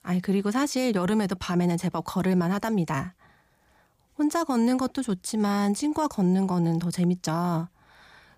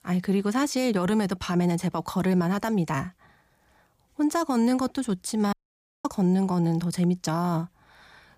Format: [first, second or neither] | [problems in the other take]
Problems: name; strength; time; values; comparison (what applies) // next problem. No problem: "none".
first | audio cutting out; at 5.5 s for 0.5 s